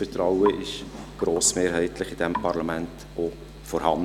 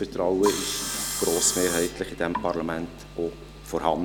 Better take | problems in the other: first | background sound (Sawing); 7 dB below the speech

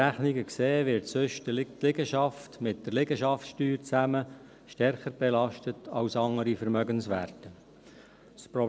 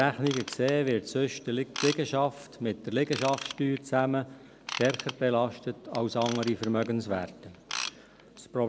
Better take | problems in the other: first | background sound (Ratchet, pawl / Tools); 12 dB below the speech

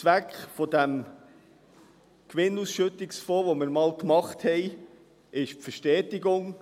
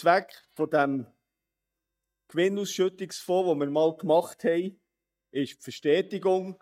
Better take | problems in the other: first | noise reduction (neural mask model DeepFilterNet 3)

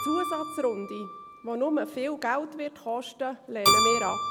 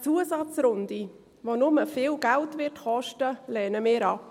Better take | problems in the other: second | background sound (Keyboard (musical)); as loud as the speech

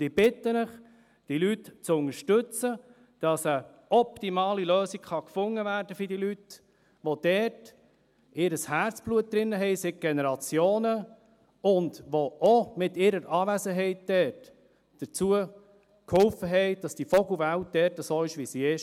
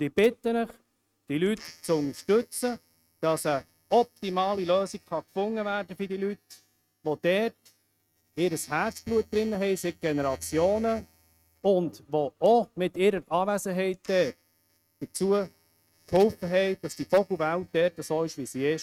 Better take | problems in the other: first | noise reduction (neural mask model RNNoise)

